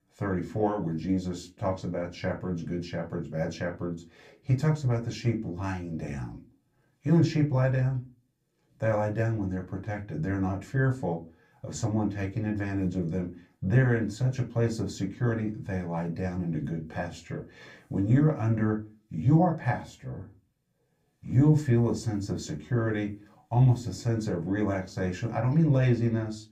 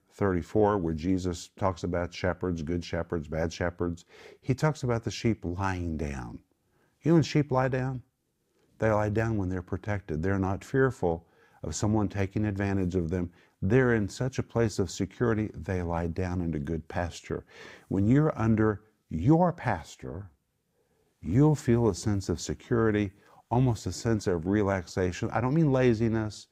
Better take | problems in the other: second | off-mic speech; somewhat distant // room echo; very slight; dies away in 0.2 s

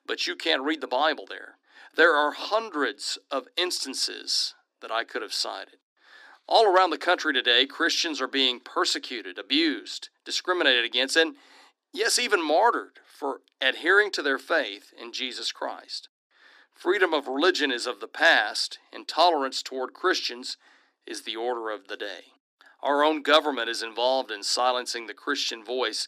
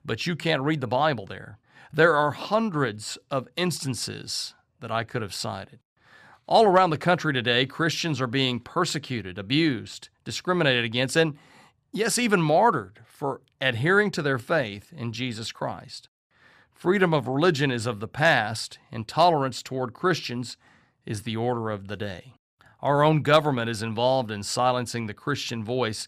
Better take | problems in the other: second | thin; somewhat; fading below 250 Hz

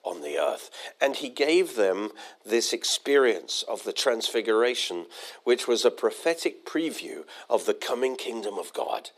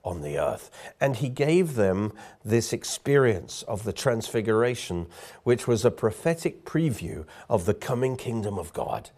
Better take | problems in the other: second | thin; somewhat; fading below 250 Hz

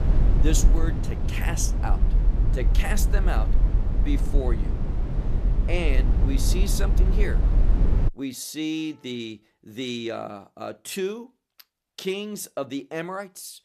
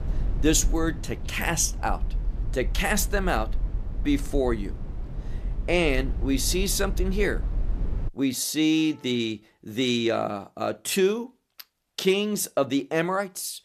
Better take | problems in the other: second | low rumble; loud; until 8 s; 6 dB below the speech; faint in the second

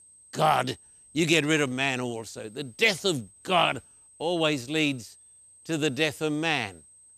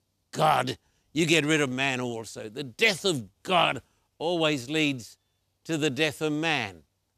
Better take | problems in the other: second | high-pitched whine; faint; throughout; 8.5 kHz, 25 dB below the speech

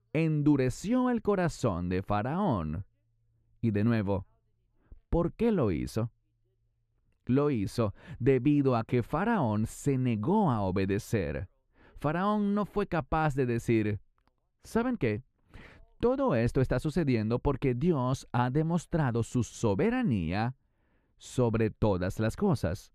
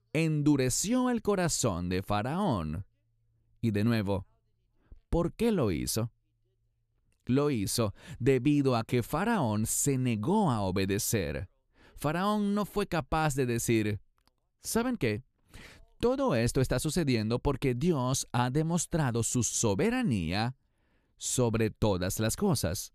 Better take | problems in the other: second | muffled; slightly; fading above 3.5 kHz

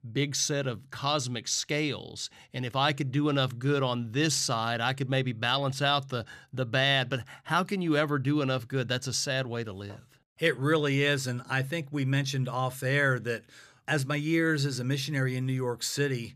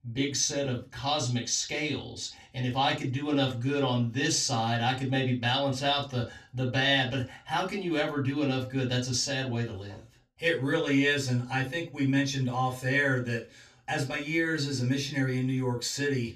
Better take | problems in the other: first | room echo; slight; dies away in 0.2 s // off-mic speech; far

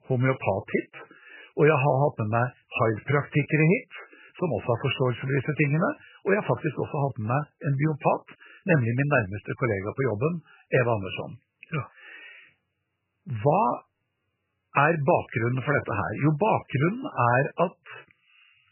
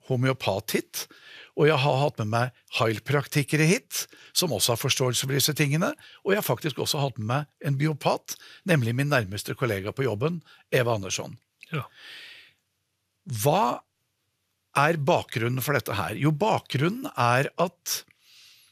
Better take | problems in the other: second | garbled, watery; badly; nothing above 3 kHz

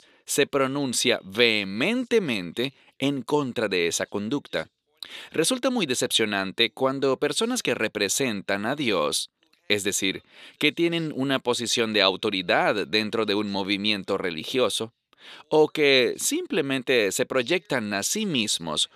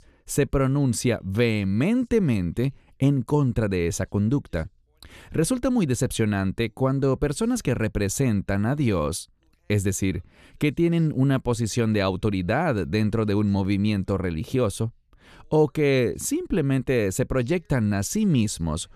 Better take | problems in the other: second | thin; somewhat; fading below 350 Hz

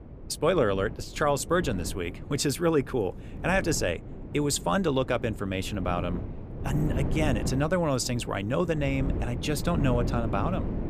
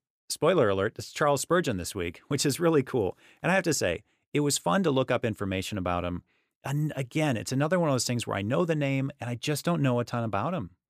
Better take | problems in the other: second | wind noise on the microphone; occasional gusts; 15 dB below the speech

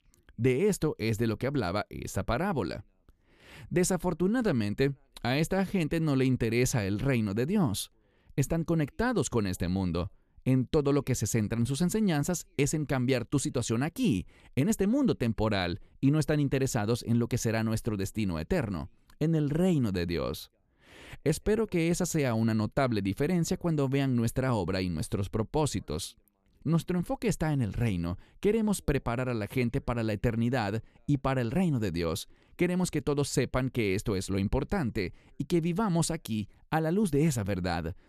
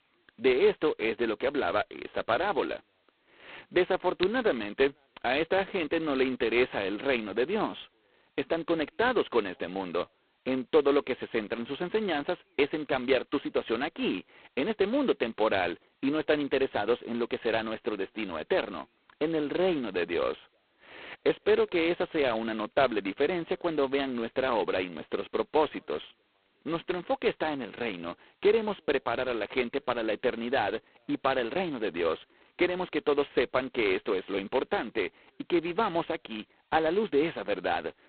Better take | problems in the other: first | phone-call audio; poor line; nothing above 4 kHz

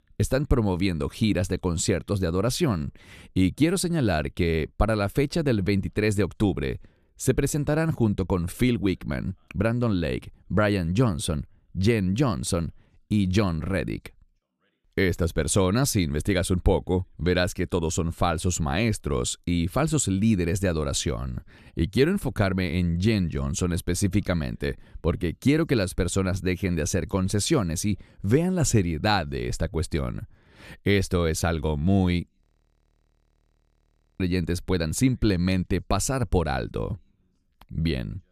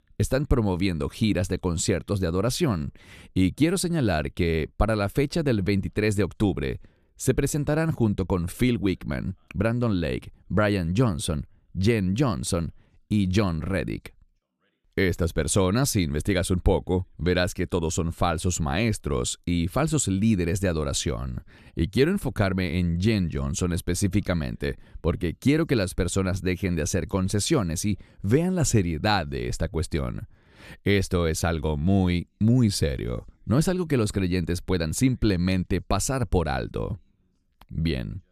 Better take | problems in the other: second | audio freezing; at 32 s for 2 s

